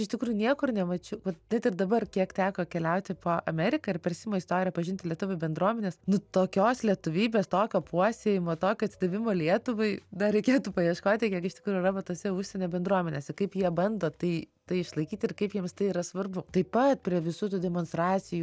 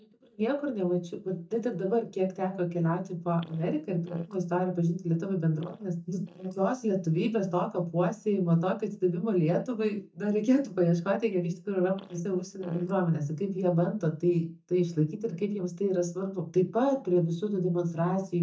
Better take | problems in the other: first | noise reduction (neural mask model DeepFilterNet 3)

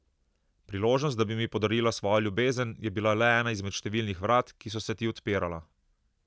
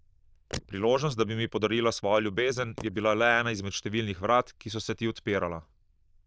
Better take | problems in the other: first | noise reduction (neural diffusion model UNIVERSE++)

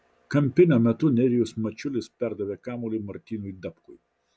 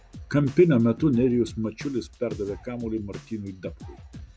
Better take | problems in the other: first | background sound (Drum kit); 17 dB below the speech

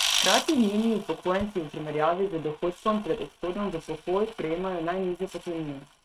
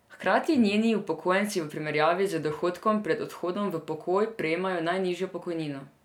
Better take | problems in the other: second | noise reduction (neural mask model RNNoise)

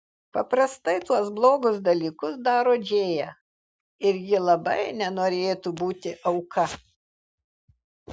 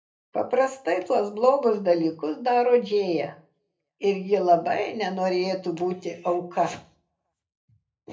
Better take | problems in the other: first | room echo; dies away in 0.3 s

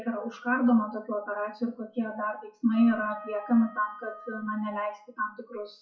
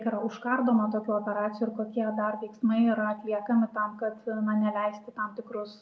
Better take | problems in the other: second | noise reduction (classical method WPE with log-MMSE)

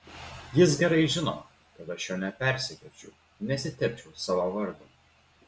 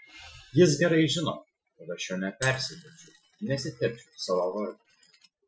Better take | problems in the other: first | noise reduction (classical method Wiener filter)

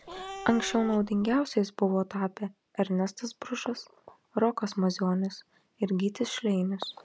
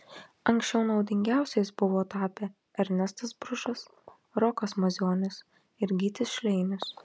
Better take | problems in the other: second | background sound (Cat); 12 dB below the speech

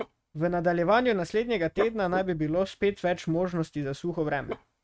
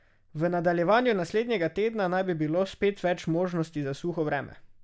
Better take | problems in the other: second | noise reduction (neural mask model RNNoise)

